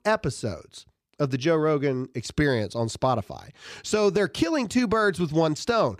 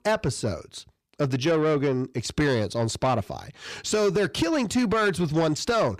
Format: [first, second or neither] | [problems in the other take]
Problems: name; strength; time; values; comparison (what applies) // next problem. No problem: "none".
first | distortion; slight; 10 dB below the speech